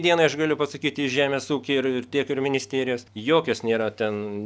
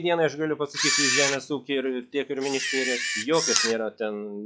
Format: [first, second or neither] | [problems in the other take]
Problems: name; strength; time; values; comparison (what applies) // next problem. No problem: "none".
first | noise reduction (classical method log-MMSE)